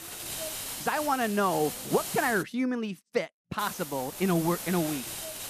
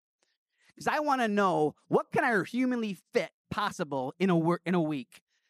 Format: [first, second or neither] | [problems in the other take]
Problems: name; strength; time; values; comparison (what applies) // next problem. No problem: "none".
second | hiss; loud; until 2.5 s and from 3.5 s on; 6 dB below the speech